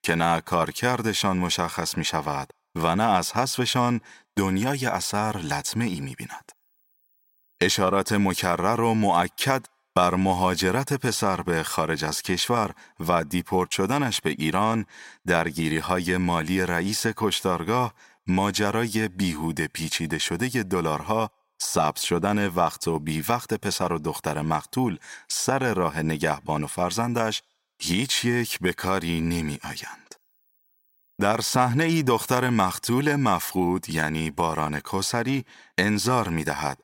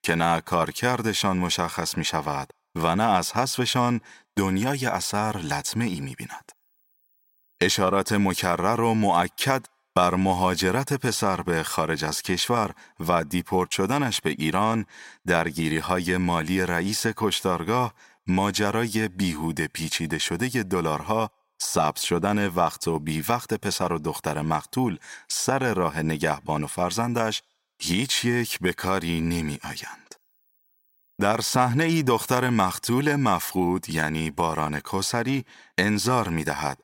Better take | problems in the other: neither | none

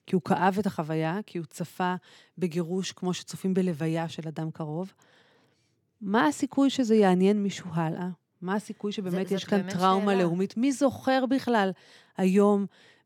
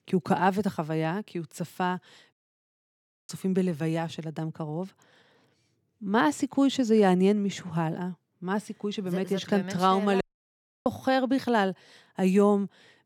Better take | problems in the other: first | audio cutting out; at 2.5 s for 1 s and at 10 s for 0.5 s

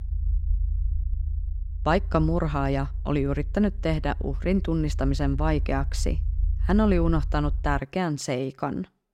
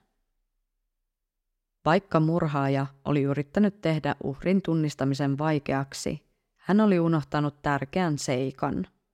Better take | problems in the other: second | low rumble; faint; until 8 s; 25 dB below the speech

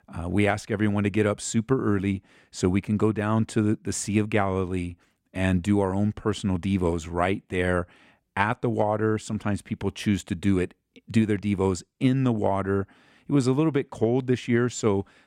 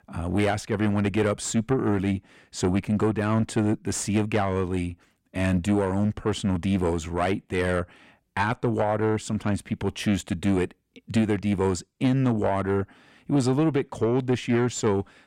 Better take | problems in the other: first | distortion; slight; 10 dB below the speech

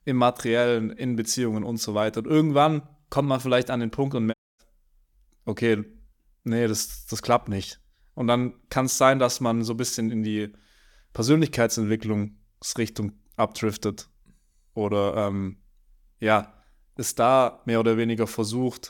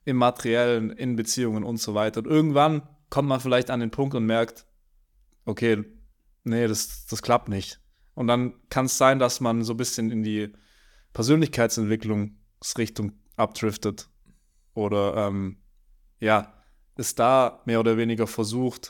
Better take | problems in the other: second | audio cutting out; at 4.5 s

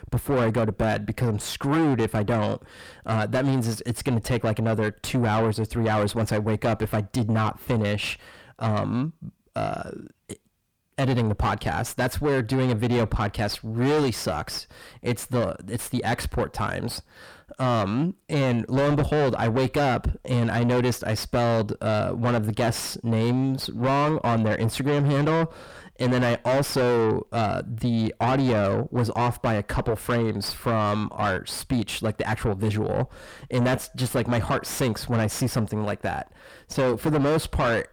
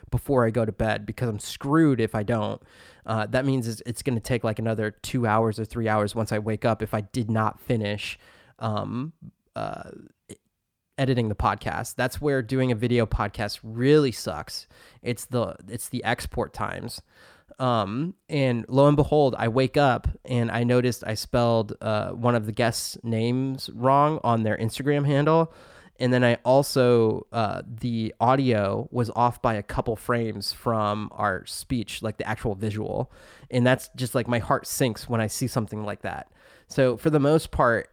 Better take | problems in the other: second | distortion; heavy; 6 dB below the speech

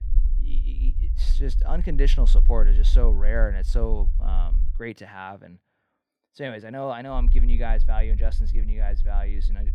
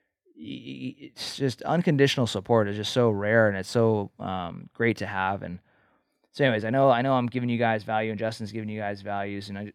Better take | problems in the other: second | low rumble; noticeable; until 4.5 s and from 7 s on; 15 dB below the speech

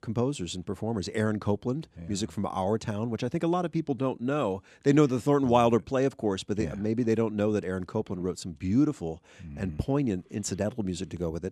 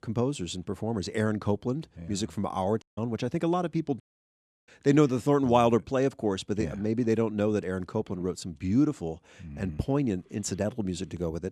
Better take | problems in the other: first | audio cutting out; at 3 s and at 4 s for 0.5 s

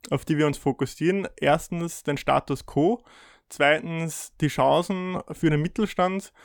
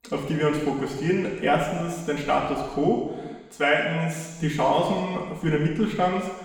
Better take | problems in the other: first | room echo; noticeable; dies away in 1.3 s // off-mic speech; far

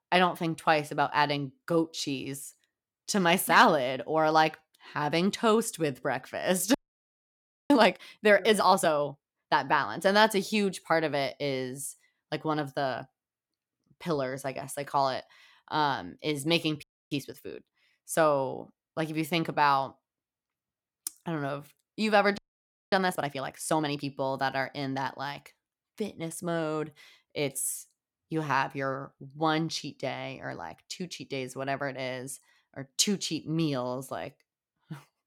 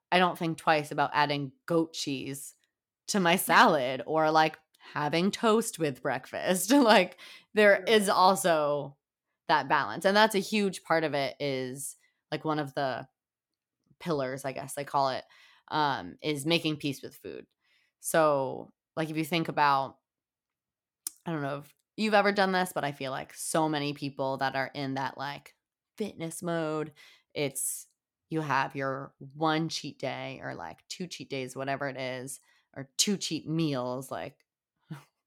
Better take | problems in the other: second | audio freezing; at 7 s for 1 s, at 17 s and at 22 s for 0.5 s

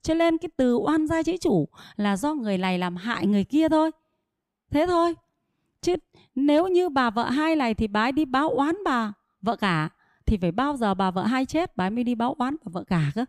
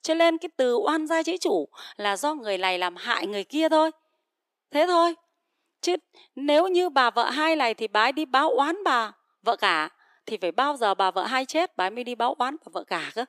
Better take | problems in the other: first | thin; somewhat; fading below 400 Hz

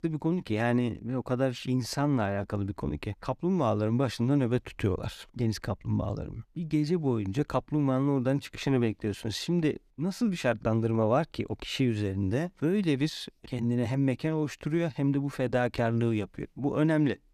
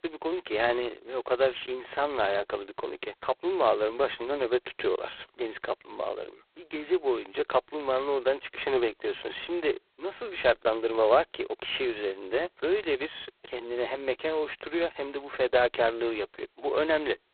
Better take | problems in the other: first | phone-call audio; poor line; nothing above 4 kHz

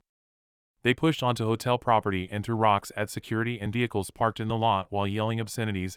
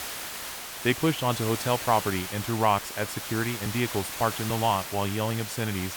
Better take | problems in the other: first | hiss; loud; throughout; 6 dB below the speech

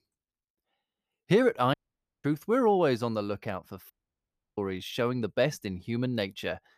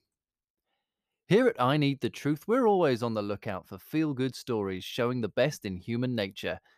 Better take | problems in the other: second | audio cutting out; at 1.5 s for 0.5 s and at 4 s for 0.5 s

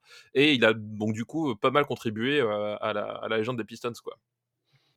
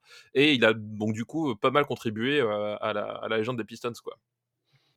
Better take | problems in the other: neither | none

